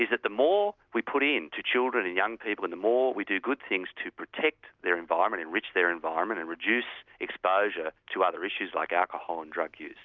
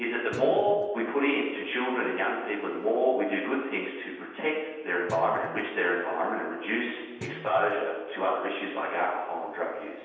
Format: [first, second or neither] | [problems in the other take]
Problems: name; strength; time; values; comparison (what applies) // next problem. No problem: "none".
first | background sound (Guitar); 18 dB below the speech // room echo; dies away in 1.2 s